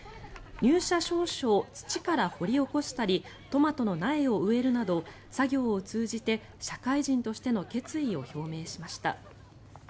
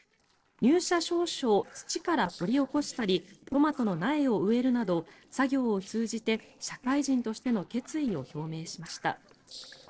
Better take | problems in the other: first | noise reduction (neural separator model SepFormer DNS4)

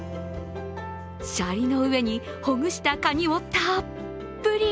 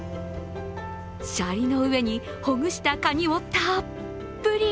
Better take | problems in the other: first | background sound (Engine); 20 dB below the speech

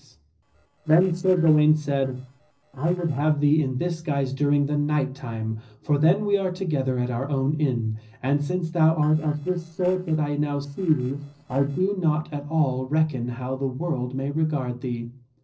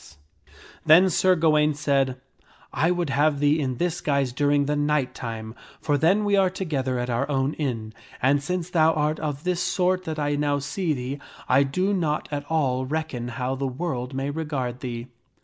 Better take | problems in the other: second | noise reduction (neural separator model SepFormer DNS4)

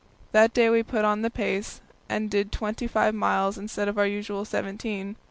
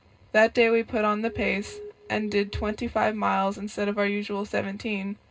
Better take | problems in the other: first | background sound (Alarm); 16 dB below the speech // room echo; dies away in 0.2 s

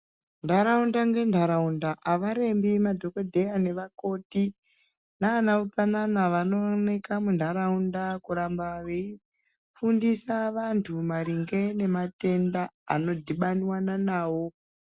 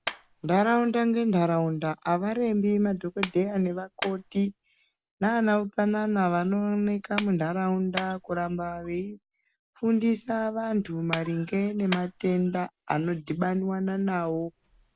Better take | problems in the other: first | background sound (Clapping); 17 dB below the speech

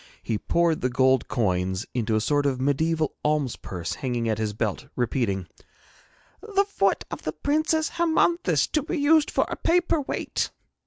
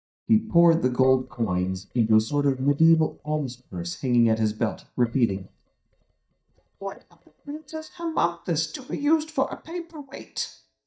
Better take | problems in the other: first | noise reduction (neural mask model DeepFilterNet 3)

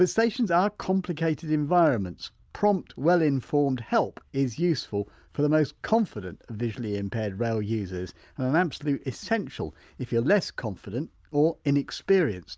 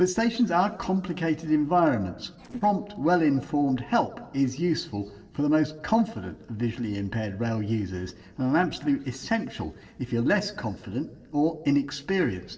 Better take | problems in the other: first | noise reduction (neural separator model SepFormer DNS4)

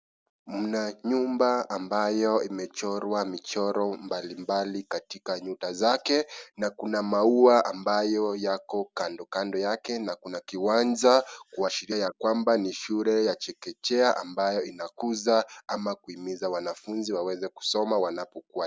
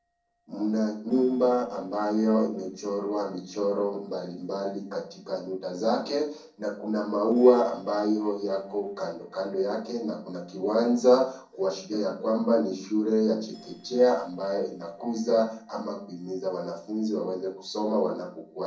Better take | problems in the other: first | noise reduction (neural separator model SepFormer DNS4)

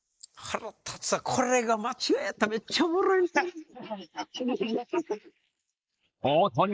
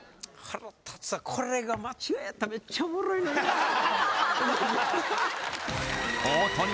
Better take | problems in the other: second | noise reduction (neural mask model Resemble Enhance denoiser)

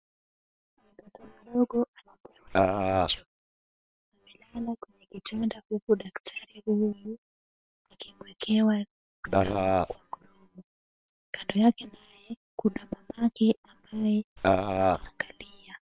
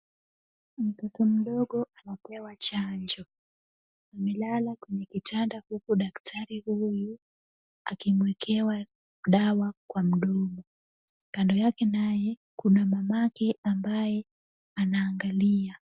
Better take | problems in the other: second | noise reduction (neural separator model SepFormer WHAM!)

